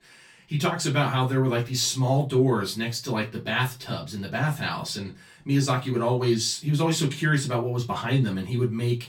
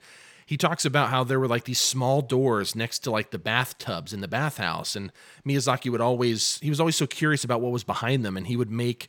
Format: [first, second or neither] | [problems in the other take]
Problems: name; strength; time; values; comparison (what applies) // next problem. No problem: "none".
second | off-mic speech; far // room echo; very slight; dies away in 0.2 s